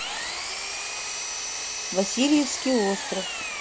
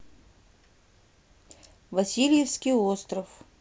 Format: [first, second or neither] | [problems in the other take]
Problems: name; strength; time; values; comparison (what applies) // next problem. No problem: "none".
second | background sound (Engine); 4 dB below the speech